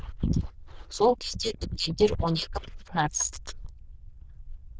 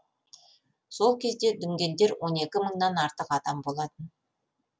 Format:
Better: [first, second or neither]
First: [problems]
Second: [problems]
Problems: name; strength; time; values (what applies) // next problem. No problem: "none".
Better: second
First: noise reduction (neural diffusion model UNIVERSE++)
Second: none